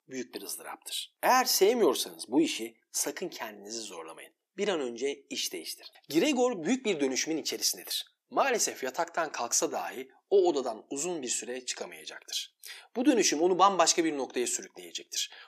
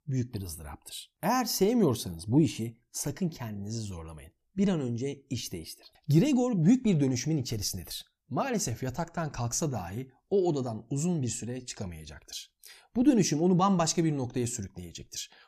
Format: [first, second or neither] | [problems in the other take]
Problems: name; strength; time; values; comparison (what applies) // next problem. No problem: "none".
second | thin; somewhat; fading below 350 Hz